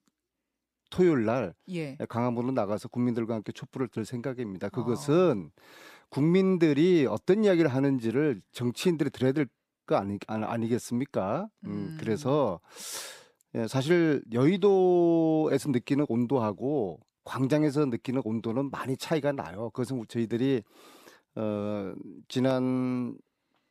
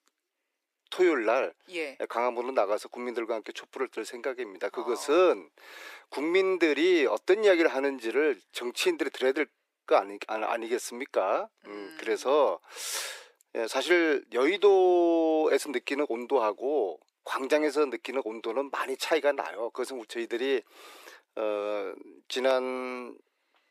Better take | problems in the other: first | thin; very; fading below 350 Hz

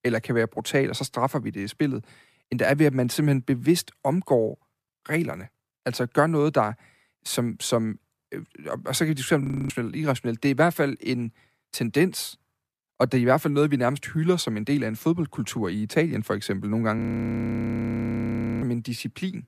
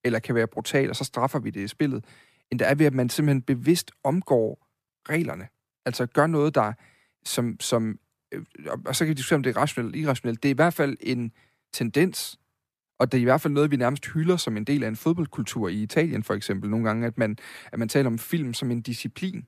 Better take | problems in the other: second | audio freezing; at 9.5 s and at 17 s for 1.5 s

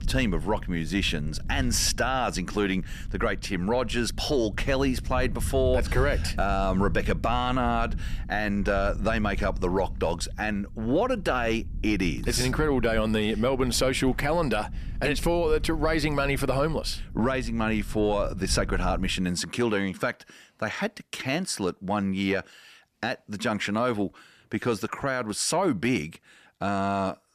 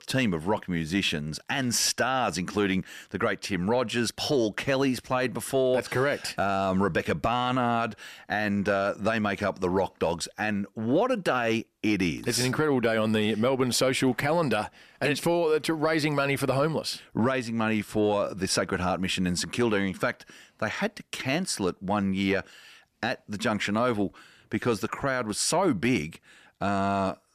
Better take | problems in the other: second | low rumble; faint; until 19 s; 25 dB below the speech

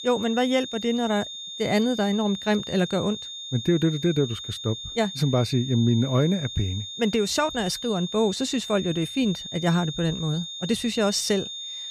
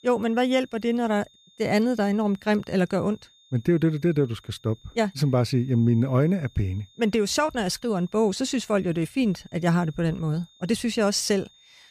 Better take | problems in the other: second | high-pitched whine; loud; throughout; 3.5 kHz, 9 dB below the speech; faint in the second

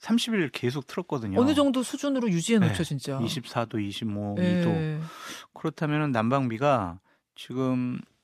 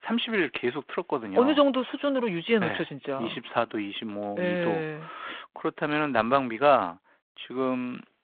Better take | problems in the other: first | phone-call audio

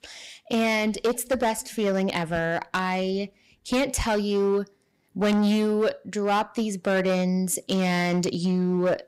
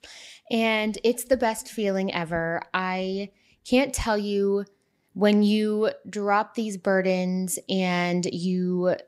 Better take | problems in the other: second | distortion; slight; 11% of the sound clipped

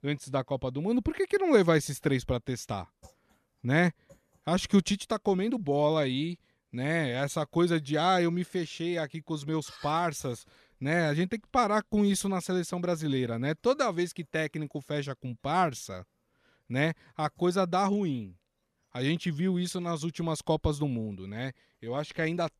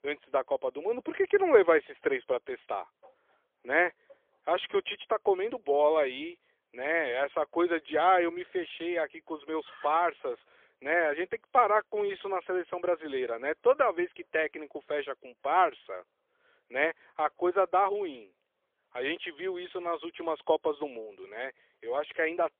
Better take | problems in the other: first | phone-call audio; poor line; nothing above 3.5 kHz

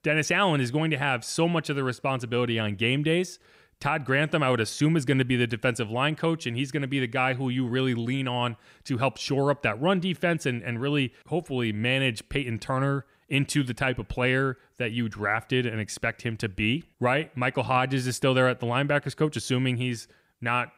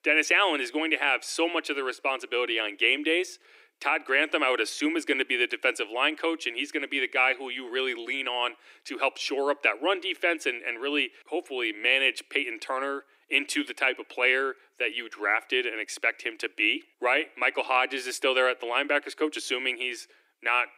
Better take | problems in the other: first | thin; somewhat; fading below 300 Hz

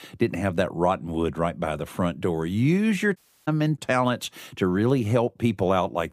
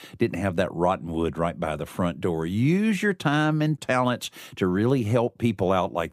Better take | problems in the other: second | audio cutting out; at 3 s

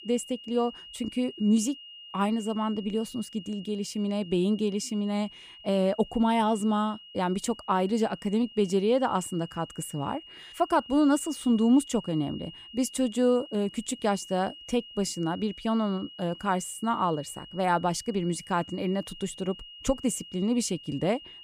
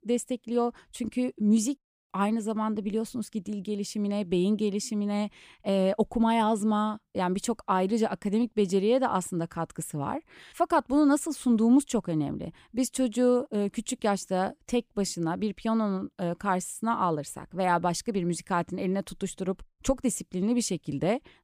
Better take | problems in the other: second | high-pitched whine; noticeable; throughout; 3 kHz, 15 dB below the speech

